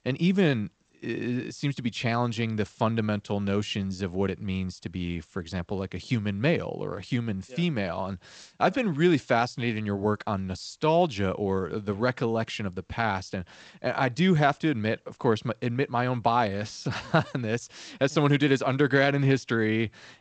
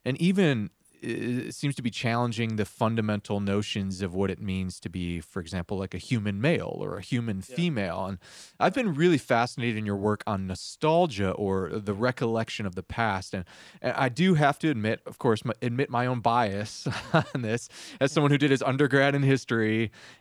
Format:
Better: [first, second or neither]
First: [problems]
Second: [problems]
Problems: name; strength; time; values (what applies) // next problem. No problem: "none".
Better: second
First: garbled, watery; slightly; nothing above 8 kHz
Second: none